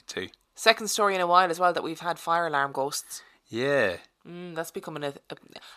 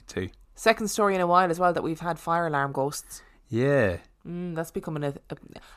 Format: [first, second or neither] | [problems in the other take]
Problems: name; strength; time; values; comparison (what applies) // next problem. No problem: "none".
second | thin; somewhat; fading below 1 kHz